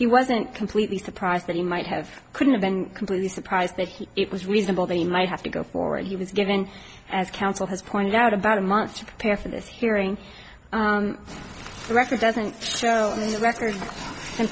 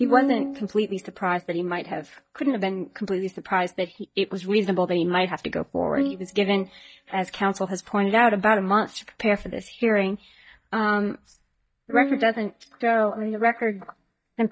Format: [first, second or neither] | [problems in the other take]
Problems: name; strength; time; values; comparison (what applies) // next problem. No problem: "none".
first | noise reduction (neural mask model DeepFilterNet 3)